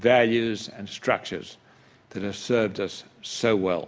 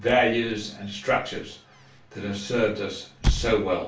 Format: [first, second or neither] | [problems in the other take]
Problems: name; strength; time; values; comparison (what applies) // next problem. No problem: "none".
first | background sound (Squeak / Slam / Wood); 6 dB below the speech // room echo; dies away in 0.3 s